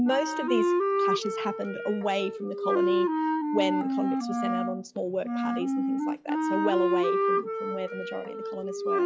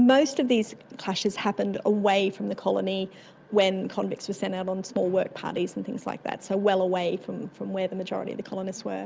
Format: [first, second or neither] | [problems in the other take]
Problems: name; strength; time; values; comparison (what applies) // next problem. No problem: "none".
second | noise reduction (classical method log-MMSE)